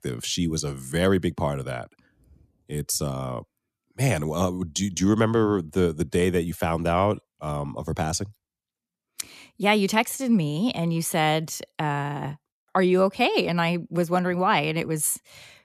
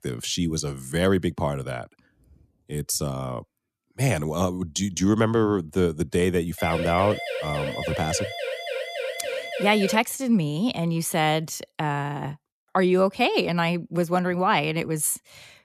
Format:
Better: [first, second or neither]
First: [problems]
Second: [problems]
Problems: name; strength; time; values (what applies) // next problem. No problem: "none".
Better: first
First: none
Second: siren; noticeable; from 6.5 to 10 s; peak 5 dB below the speech